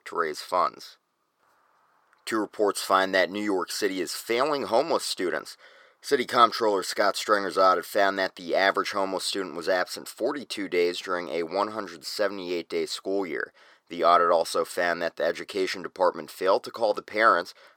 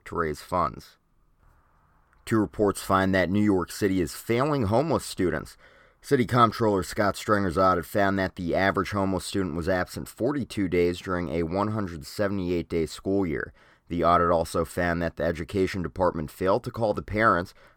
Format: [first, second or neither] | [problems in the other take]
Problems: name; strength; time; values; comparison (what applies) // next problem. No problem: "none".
second | thin; somewhat; fading below 450 Hz